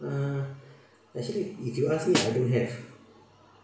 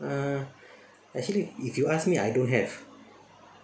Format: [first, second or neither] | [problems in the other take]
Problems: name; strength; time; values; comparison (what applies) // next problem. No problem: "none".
second | background sound (Snare drum); 5 dB below the speech // room echo; dies away in 0.8 s